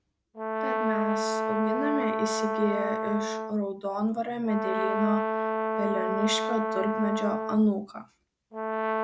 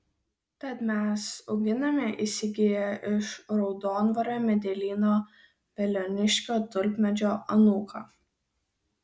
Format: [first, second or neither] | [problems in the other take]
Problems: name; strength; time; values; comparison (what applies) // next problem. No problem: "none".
second | background sound (Brass instrument); as loud as the speech